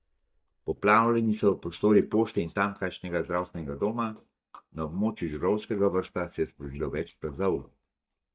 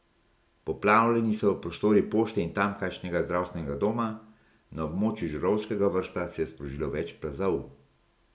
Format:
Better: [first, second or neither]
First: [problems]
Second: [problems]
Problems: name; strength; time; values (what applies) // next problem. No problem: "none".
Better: second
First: noise reduction (neural mask model DeepFilterNet 3)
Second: none